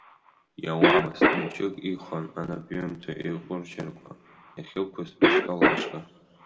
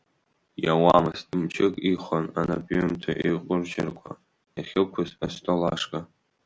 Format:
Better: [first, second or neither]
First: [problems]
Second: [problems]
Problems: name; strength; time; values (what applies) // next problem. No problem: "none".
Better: second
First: background sound (Cough); 5 dB above the speech // room echo; dies away in 1.2 s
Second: none